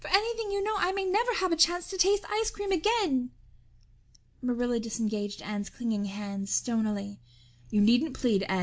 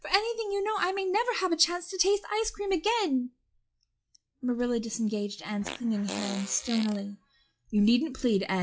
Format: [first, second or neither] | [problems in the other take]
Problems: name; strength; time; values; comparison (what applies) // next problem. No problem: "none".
first | noise reduction (classical method log-MMSE)